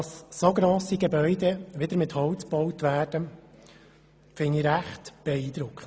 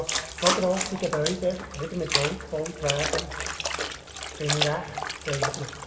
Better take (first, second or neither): first